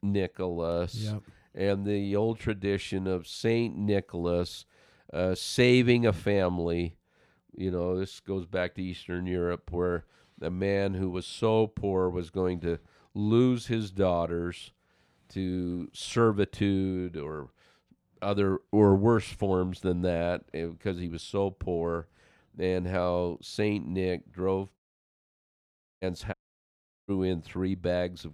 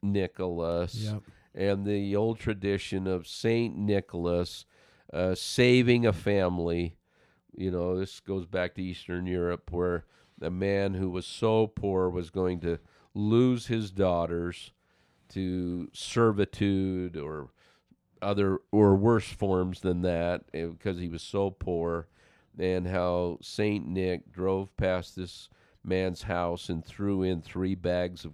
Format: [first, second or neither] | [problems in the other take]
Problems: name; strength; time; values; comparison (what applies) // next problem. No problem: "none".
second | audio cutting out; at 25 s for 1 s and at 26 s for 0.5 s